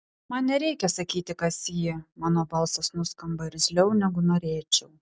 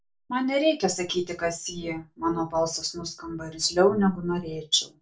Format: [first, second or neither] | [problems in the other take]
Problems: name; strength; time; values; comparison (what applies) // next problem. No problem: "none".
first | room echo; dies away in 0.2 s